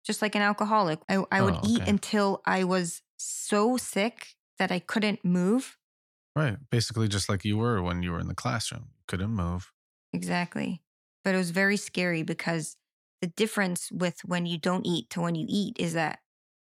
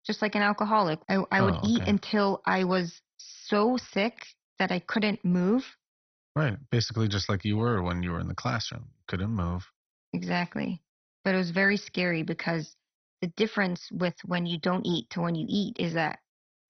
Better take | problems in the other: first | garbled, watery; badly; nothing above 6 kHz

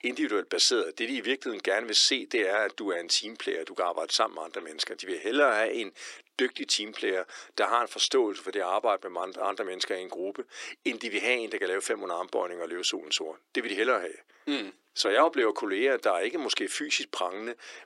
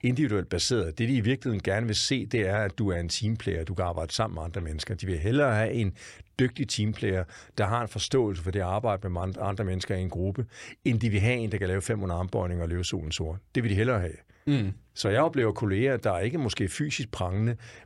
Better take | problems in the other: second | thin; very; fading below 300 Hz

